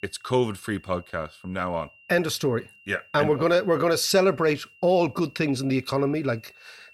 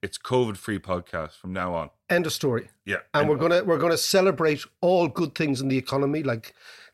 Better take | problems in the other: second | high-pitched whine; faint; throughout; 3 kHz, 25 dB below the speech

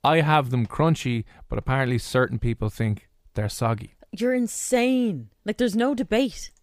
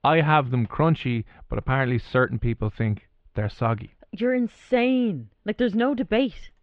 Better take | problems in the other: first | muffled; very; fading above 3 kHz

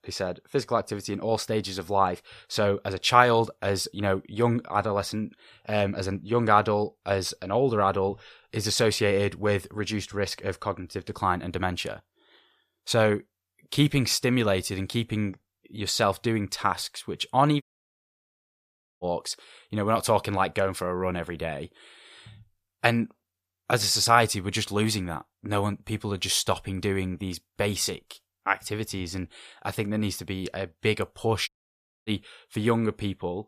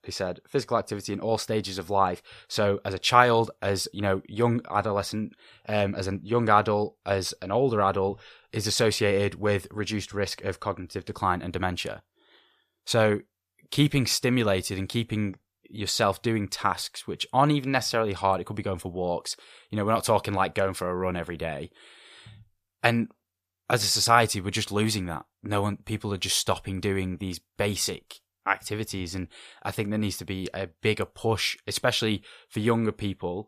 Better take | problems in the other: second | audio cutting out; at 18 s for 1.5 s and at 31 s for 0.5 s

